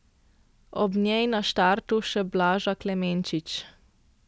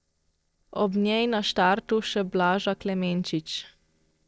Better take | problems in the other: first | noise reduction (neural separator model SepFormer DNS4)

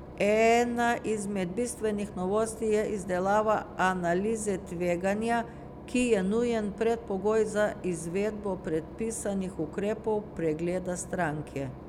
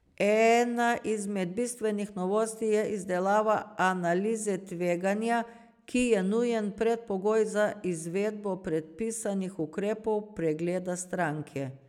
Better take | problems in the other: second | background sound (Engine / Boat, Water vehicle); 15 dB below the speech

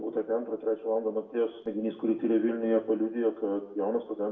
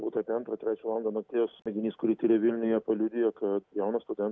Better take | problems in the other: second | room echo; dies away in 0.7 s

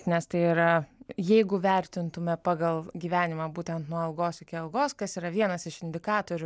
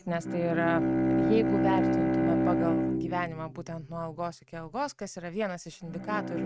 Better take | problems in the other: first | noise reduction (neural mask model RNNoise)

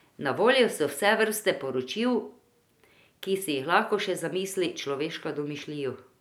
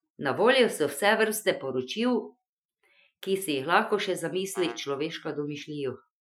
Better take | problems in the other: first | noise reduction (classical method Wiener filter)

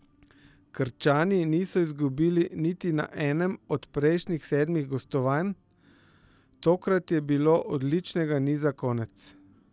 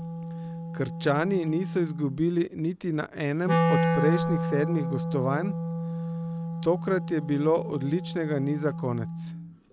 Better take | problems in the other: first | background sound (Wind instrument, woodwind instrument); 2 dB below the speech

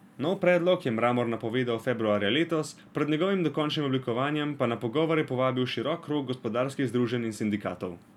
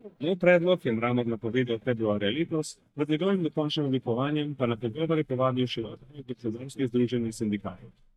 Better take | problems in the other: first | noise reduction (neural mask model DeepFilterNet 3)

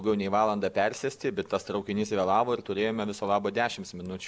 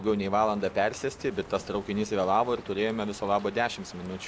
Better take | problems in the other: first | background sound (Crow); 19 dB below the speech

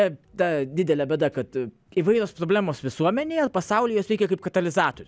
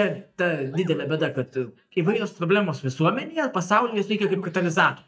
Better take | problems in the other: first | noise reduction (neural mask model DeepFilterNet 3)

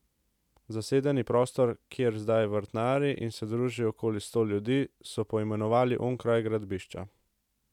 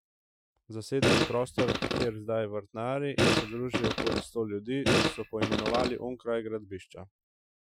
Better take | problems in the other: first | noise reduction (classical method Wiener filter)

